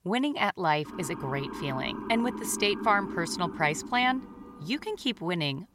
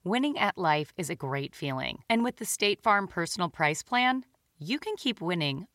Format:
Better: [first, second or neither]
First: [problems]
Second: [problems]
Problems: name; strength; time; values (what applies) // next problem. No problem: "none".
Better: second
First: siren; noticeable; from 1 to 5 s; peak 8 dB below the speech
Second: none